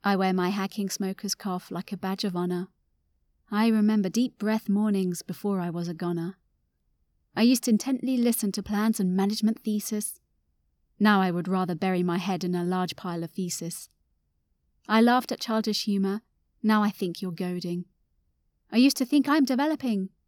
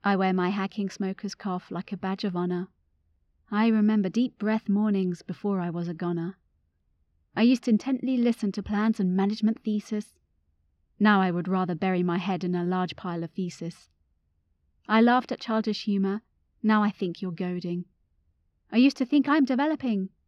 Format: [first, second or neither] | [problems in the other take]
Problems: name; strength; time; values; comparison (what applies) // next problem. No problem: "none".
first | muffled; slightly; fading above 3 kHz